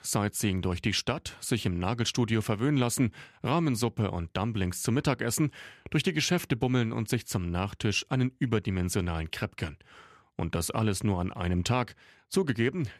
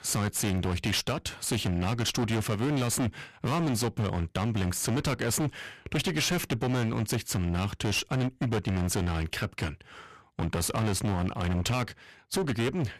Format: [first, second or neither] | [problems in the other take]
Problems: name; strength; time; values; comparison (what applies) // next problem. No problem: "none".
first | distortion; heavy; 25% of the sound clipped